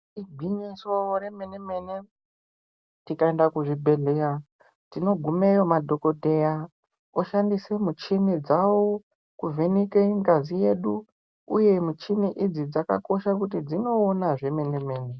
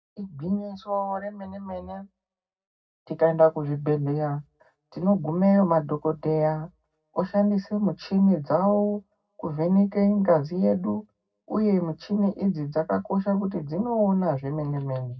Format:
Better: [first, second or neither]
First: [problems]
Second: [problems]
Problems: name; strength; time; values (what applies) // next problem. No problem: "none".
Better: first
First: none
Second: room echo; dies away in 0.3 s